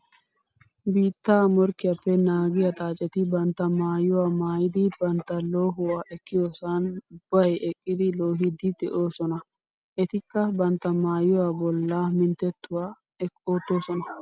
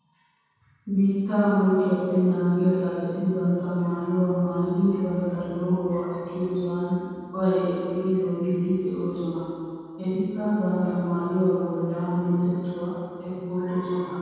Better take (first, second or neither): first